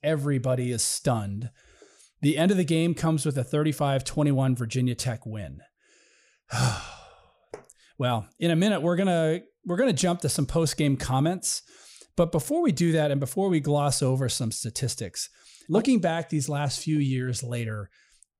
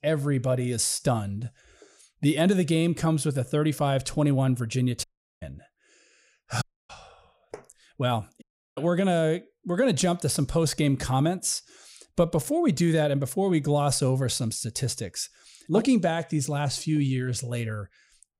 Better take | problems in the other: first | audio cutting out; at 5 s, at 6.5 s and at 8.5 s

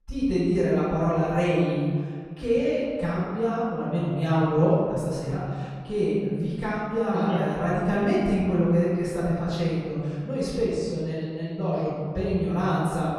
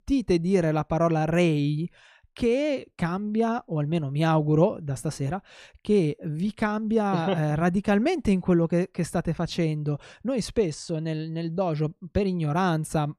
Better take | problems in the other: second | room echo; strong; dies away in 1.7 s // off-mic speech; far

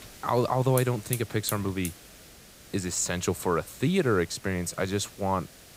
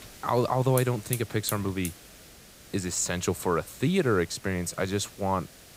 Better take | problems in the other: neither | hiss; noticeable; throughout; 15 dB below the speech; the same in both

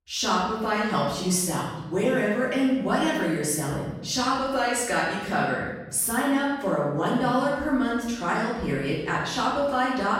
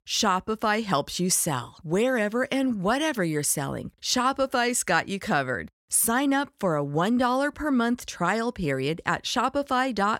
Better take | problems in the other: second | off-mic speech; far // room echo; noticeable; dies away in 1 s

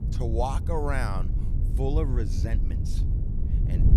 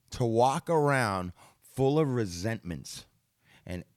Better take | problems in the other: second | wind noise on the microphone; occasional gusts; 10 dB below the speech

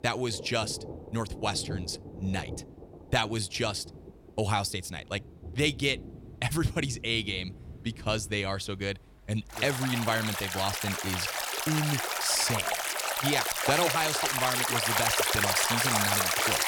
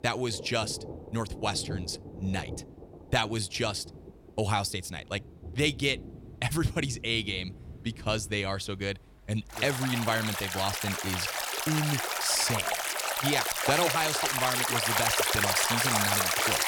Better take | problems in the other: neither | rain or running water; very loud; throughout; 3 dB above the speech; the same in both

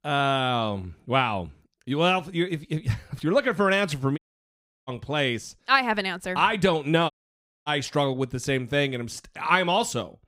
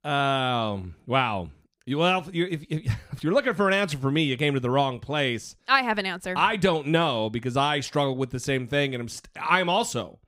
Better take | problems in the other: second | audio cutting out; at 4 s for 0.5 s and at 7 s for 0.5 s

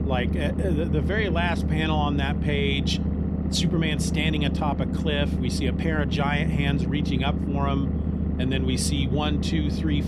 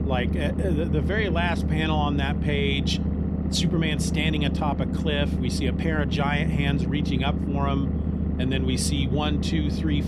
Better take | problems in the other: neither | low rumble; loud; throughout; 6 dB below the speech; the same in both

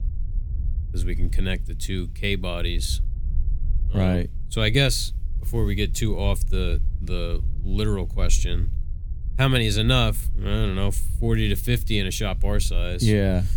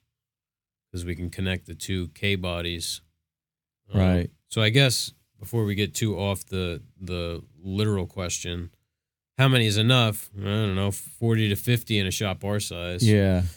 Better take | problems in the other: second | low rumble; faint; throughout; 20 dB below the speech

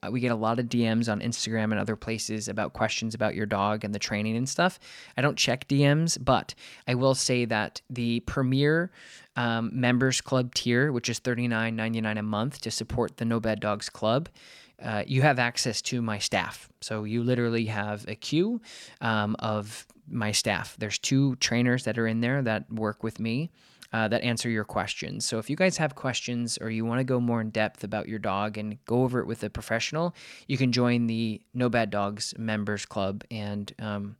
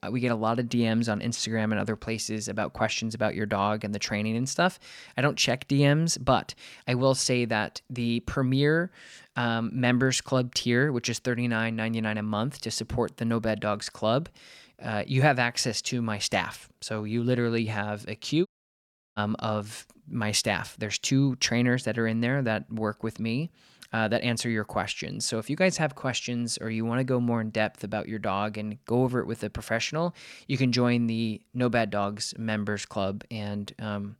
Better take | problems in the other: first | audio cutting out; at 18 s for 0.5 s

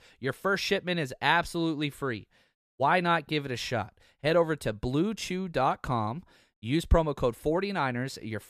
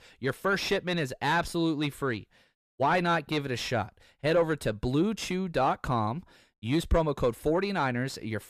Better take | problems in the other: first | distortion; slight; 10 dB below the speech

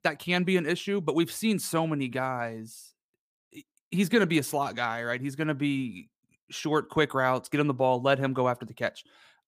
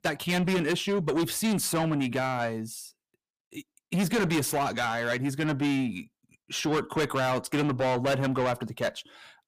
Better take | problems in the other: first | distortion; heavy; 6 dB below the speech

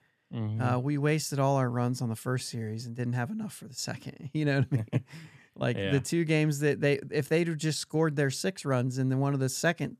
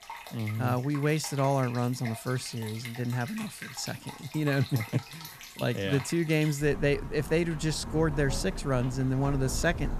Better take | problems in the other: first | rain or running water; noticeable; throughout; 10 dB below the speech

